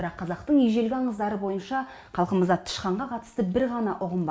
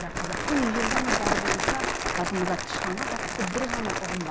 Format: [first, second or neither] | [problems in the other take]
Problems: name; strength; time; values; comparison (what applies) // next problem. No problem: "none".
first | background sound (Crumpling, crinkling); 3 dB above the speech